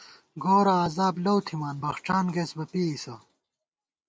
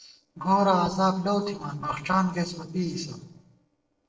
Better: first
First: none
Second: noise reduction (neural separator model SepFormer DNS4)

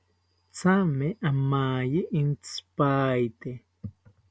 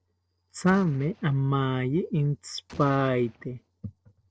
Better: first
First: none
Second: noise reduction (neural separator model SepFormer DNS4)

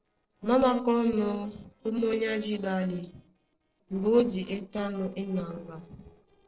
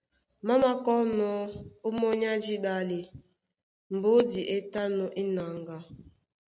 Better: second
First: noise reduction (neural separator model SepFormer DNS4)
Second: none

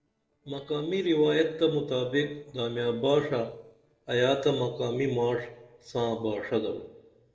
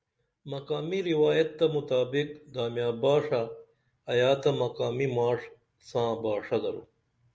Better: second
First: noise reduction (neural separator model SepFormer DNS4)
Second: none

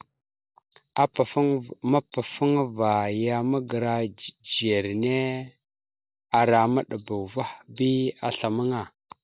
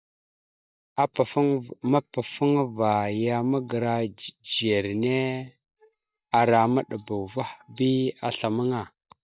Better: first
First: none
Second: noise reduction (neural mask model DeepFilterNet 3)

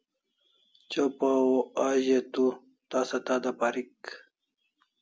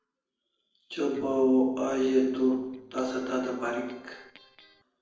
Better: first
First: none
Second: noise reduction (neural separator model SepFormer DNS4)

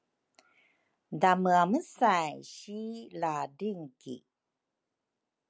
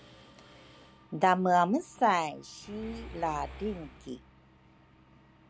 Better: first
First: none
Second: background sound (Mechanisms); 19 dB below the speech

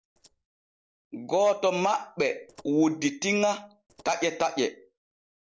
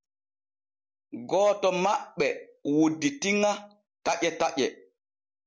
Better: second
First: noise reduction (neural separator model SepFormer DNS4)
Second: none

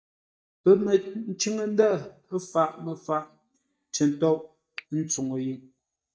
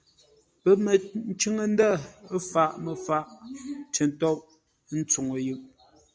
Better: second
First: noise reduction (neural mask model DeepFilterNet 3)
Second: none

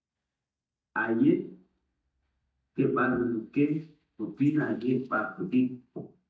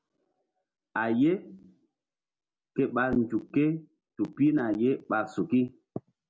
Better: second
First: noise reduction (neural mask model DeepFilterNet 3)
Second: none

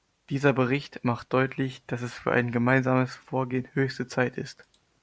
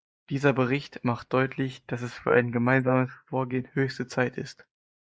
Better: first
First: none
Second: noise reduction (neural mask model Resemble Enhance denoiser)

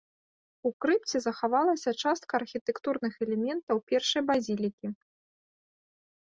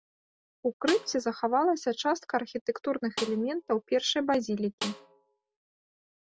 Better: first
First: none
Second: background sound (Snare drum); 13 dB below the speech

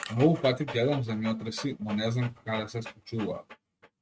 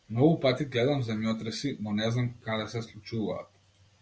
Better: second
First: noise reduction (neural mask model RNNoise)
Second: none

